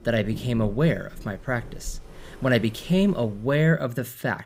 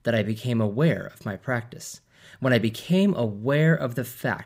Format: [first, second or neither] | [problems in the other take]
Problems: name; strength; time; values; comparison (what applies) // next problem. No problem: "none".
second | rain or running water; noticeable; until 3.5 s; 20 dB below the speech